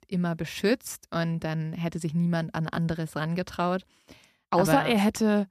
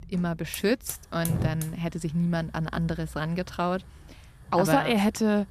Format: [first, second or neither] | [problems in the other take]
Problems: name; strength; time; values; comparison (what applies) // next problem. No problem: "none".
first | hiss; noticeable; throughout; 10 dB below the speech